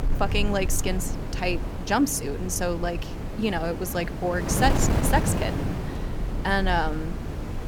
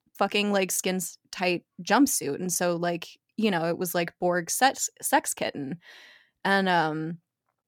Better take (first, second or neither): second